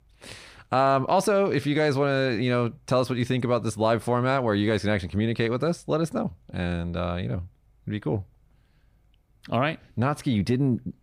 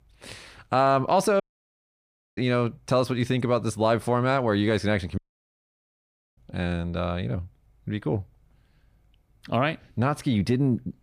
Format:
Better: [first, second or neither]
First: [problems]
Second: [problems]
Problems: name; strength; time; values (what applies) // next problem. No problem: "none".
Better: first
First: none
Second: audio cutting out; at 1.5 s for 1 s and at 5 s for 1 s